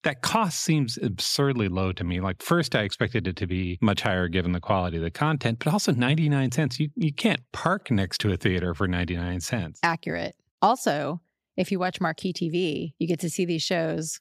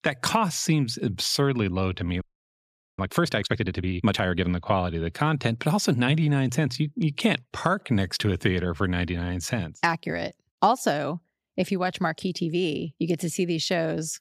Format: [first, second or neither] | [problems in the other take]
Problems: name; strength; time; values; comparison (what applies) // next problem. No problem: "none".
first | audio freezing; at 2 s for 1 s